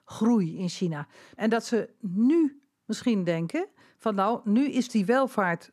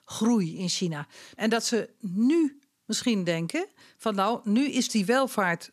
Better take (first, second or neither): second